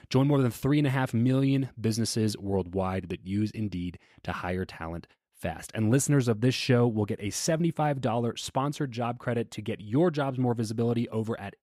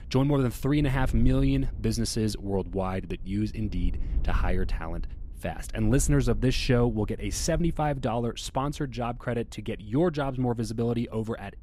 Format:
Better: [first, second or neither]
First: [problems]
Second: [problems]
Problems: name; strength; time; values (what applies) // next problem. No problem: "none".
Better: first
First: none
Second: wind noise on the microphone; occasional gusts; 25 dB below the speech